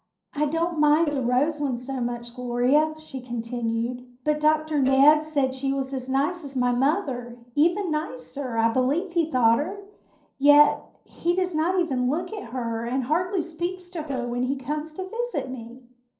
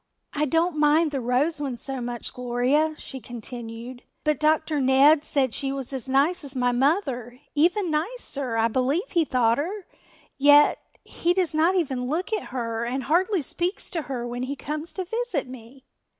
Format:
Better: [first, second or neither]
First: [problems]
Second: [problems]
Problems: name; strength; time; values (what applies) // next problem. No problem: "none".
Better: second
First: noise reduction (neural separator model SepFormer DNS4)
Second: none